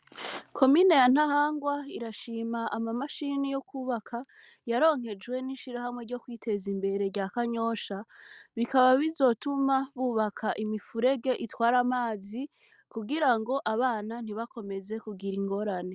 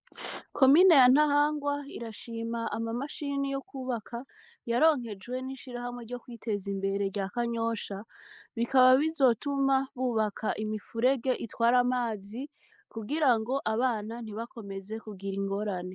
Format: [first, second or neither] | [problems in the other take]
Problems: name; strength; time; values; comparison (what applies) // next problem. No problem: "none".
first | noise reduction (neural mask model Resemble Enhance denoiser)